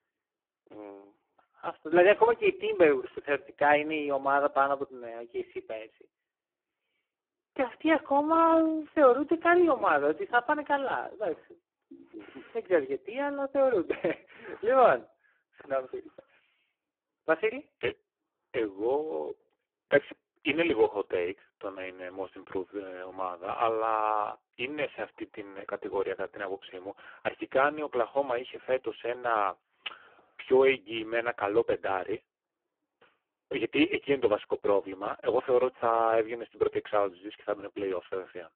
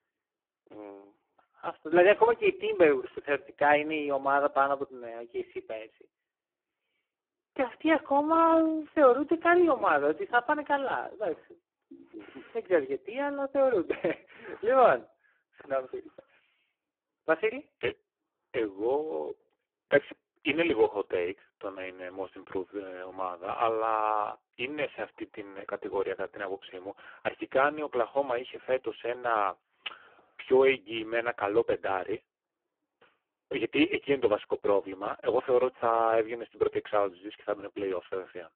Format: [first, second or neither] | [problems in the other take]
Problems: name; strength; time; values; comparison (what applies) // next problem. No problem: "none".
neither | phone-call audio; poor line; the same in both